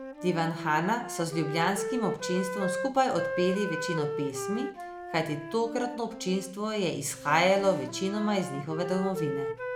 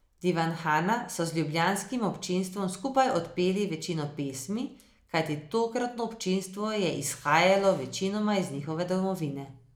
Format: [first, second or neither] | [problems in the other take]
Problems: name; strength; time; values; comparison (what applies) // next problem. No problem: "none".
second | background sound (Wind instrument, woodwind instrument); 6 dB below the speech